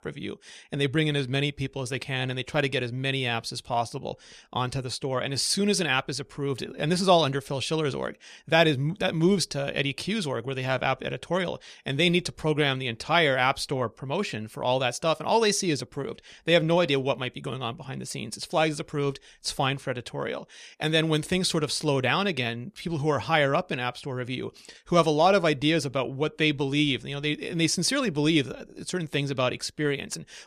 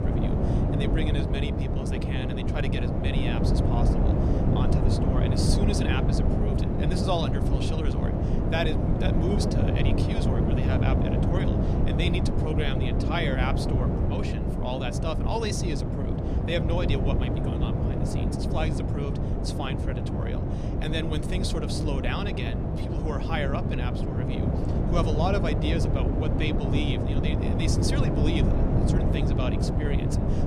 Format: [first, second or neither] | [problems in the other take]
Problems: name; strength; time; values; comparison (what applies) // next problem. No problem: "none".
first | wind noise on the microphone; heavy; as loud as the speech